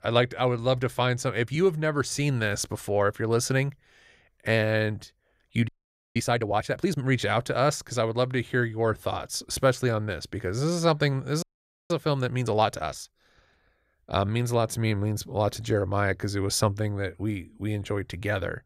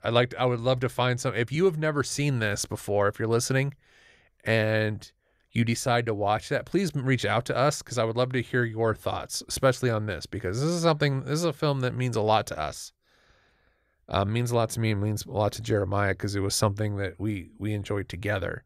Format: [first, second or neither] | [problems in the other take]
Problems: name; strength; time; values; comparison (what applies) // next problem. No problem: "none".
second | audio freezing; at 5.5 s and at 11 s